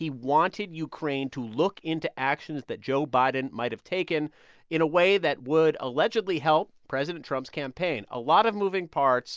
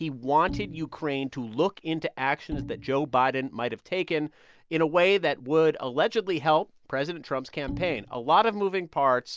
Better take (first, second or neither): first